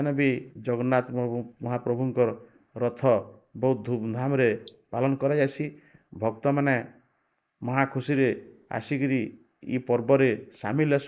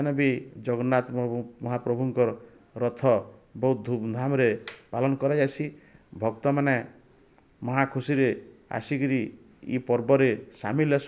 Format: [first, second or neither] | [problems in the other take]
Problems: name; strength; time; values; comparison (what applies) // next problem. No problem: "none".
second | noise reduction (neural mask model Resemble Enhance denoiser)